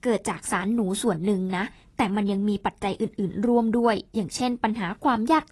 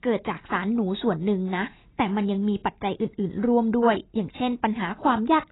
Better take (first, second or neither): first